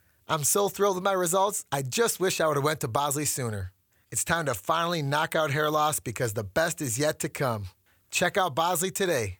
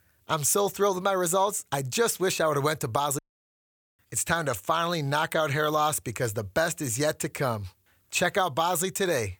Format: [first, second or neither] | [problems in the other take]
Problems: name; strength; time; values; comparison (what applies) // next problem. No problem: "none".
first | audio cutting out; at 3 s for 1 s